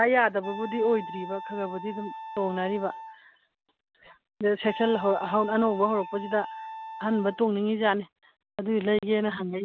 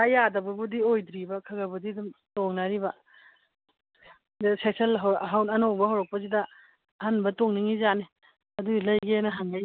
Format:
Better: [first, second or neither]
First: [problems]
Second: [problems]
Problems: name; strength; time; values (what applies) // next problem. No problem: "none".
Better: second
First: background sound (Wind instrument, woodwind instrument); 12 dB below the speech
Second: none